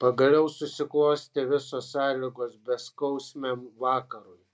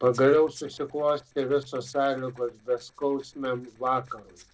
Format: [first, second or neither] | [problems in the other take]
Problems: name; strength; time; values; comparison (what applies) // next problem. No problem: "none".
first | noise reduction (neural separator model SepFormer DNS4)